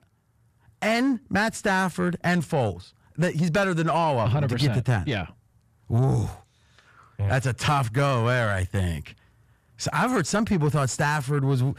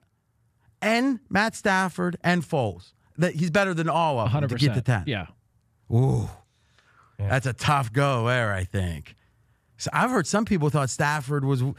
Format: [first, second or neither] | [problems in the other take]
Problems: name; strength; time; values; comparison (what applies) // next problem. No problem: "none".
second | distortion; slight; 10 dB below the speech